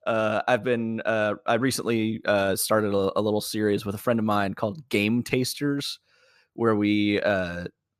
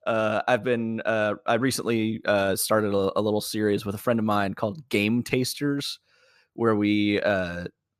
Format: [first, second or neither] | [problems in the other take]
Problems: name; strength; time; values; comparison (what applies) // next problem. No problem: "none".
neither | none